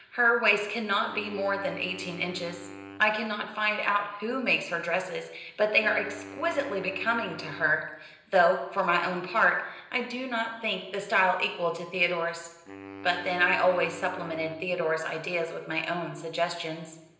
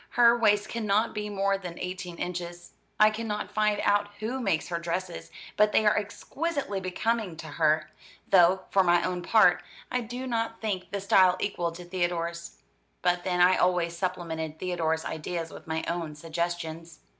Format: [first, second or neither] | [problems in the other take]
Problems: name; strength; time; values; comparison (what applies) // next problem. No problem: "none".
second | background sound (Wind instrument, woodwind instrument); 17 dB below the speech // room echo; dies away in 0.9 s